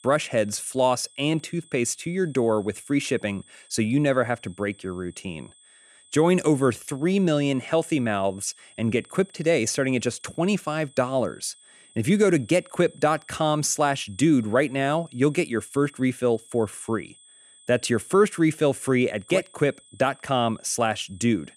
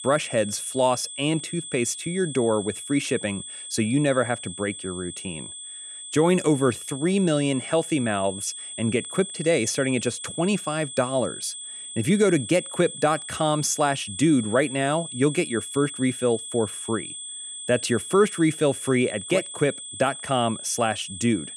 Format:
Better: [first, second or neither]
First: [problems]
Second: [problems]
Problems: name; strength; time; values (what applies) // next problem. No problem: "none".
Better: first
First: high-pitched whine; faint; throughout; 8 kHz, 25 dB below the speech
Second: high-pitched whine; loud; throughout; 8 kHz, 10 dB below the speech